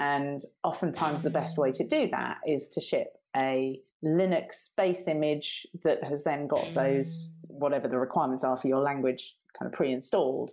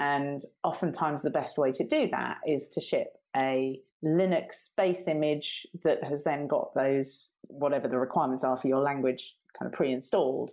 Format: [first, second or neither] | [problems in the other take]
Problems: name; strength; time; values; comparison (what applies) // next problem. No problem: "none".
second | background sound (Guitar); 15 dB below the speech